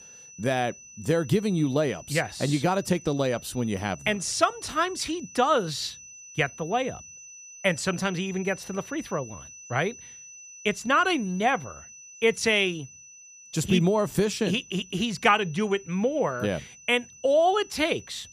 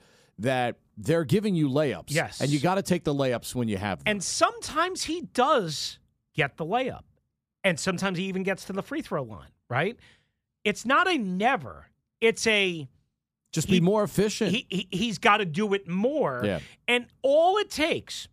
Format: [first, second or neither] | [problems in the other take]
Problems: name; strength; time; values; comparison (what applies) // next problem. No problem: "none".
second | high-pitched whine; noticeable; throughout; 6 kHz, 20 dB below the speech